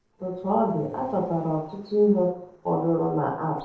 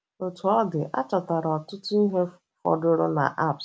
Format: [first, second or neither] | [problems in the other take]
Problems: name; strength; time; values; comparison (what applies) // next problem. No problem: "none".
second | noise reduction (neural separator model SepFormer DNS4)